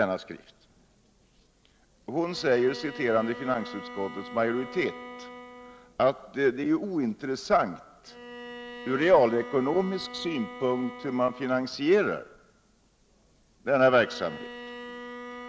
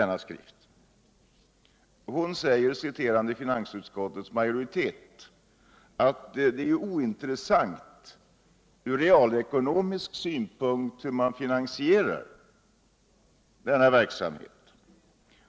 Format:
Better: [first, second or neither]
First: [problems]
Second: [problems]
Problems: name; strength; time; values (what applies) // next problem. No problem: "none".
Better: second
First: background sound (Bowed string instrument); 16 dB below the speech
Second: none